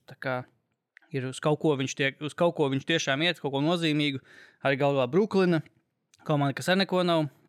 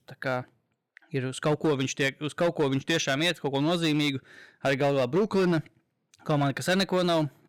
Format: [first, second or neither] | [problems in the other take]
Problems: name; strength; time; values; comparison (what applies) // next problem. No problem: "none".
first | distortion; slight; 7% of the sound clipped